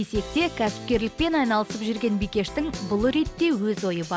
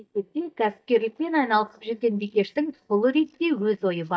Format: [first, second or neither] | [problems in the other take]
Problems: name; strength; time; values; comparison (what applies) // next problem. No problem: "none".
first | noise reduction (neural mask model DeepFilterNet 3)